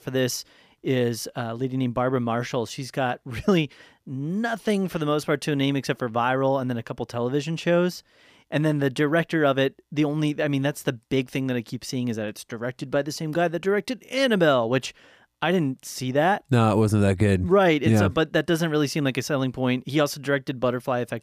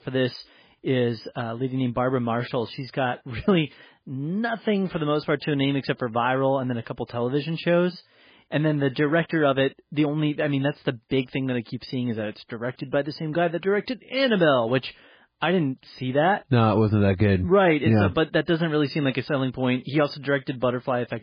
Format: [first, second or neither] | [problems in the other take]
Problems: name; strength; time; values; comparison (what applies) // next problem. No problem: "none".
first | garbled, watery; badly; nothing above 5 kHz